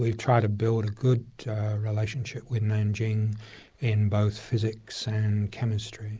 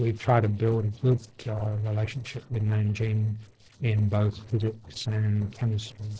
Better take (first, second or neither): first